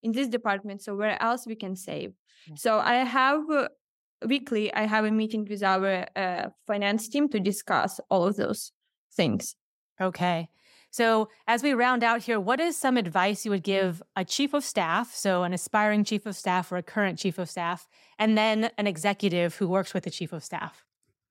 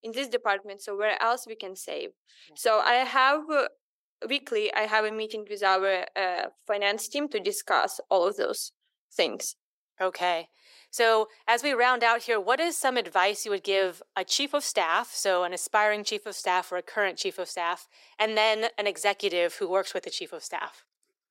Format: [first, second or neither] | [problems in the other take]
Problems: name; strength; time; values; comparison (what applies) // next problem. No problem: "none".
first | thin; very; fading below 400 Hz